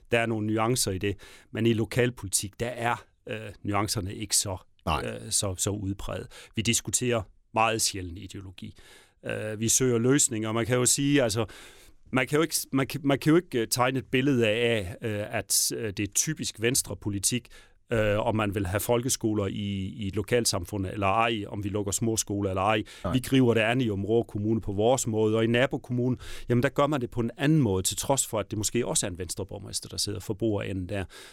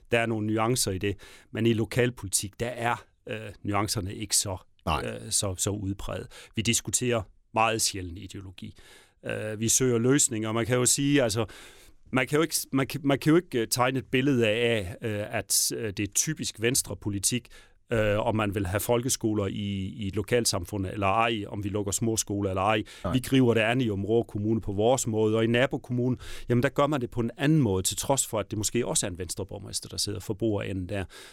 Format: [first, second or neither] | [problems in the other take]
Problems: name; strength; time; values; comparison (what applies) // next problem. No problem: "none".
neither | none